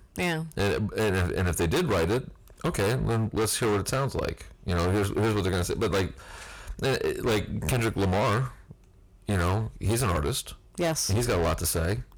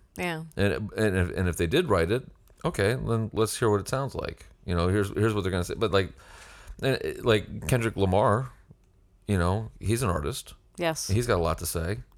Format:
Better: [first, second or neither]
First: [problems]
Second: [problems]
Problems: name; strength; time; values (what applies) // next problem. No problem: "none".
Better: second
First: distortion; heavy; 19% of the sound clipped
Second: none